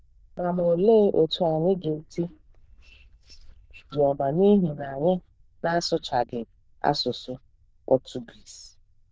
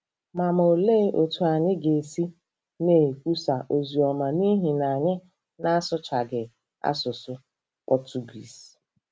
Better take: second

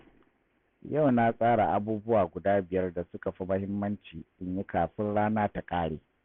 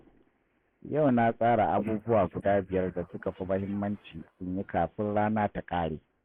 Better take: first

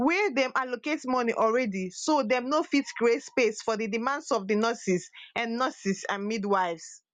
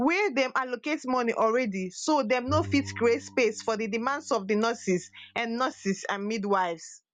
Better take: first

